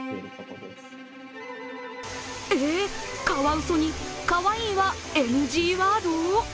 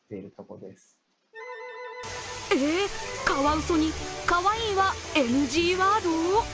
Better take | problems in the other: second | background sound (Bowed string instrument); 16 dB below the speech

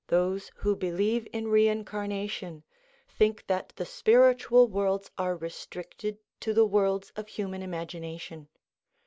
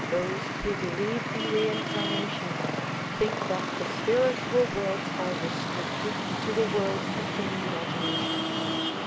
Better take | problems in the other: first | background sound (Traffic noise, roadway noise); 1 dB above the speech

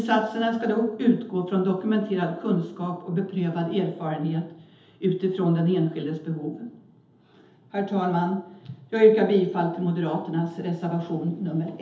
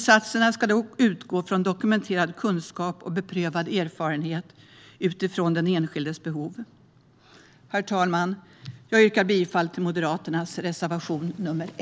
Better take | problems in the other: second | room echo; dies away in 0.8 s

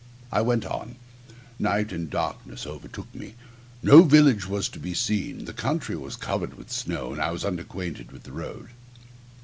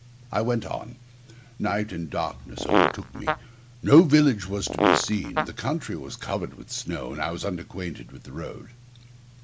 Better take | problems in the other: first | background sound (Fart); 1 dB above the speech

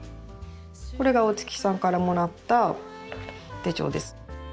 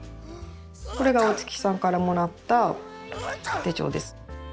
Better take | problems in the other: first | background sound (Sneeze); 11 dB below the speech

